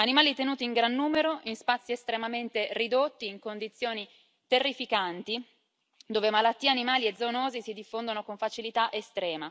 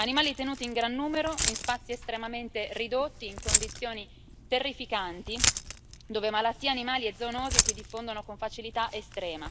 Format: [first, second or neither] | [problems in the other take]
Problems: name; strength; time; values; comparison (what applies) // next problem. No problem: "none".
first | background sound (Keys jangling); 2 dB below the speech